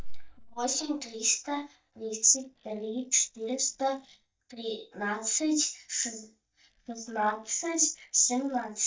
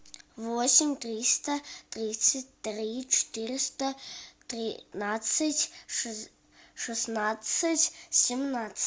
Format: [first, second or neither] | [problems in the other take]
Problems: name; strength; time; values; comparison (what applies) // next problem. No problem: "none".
second | noise reduction (neural mask model DeepFilterNet 3)